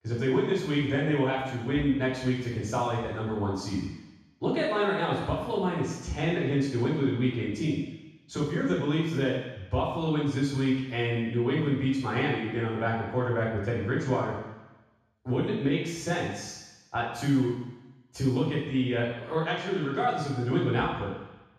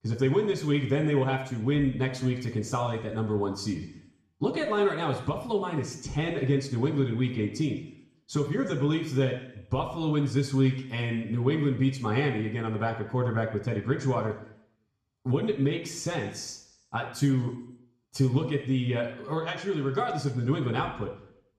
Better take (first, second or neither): second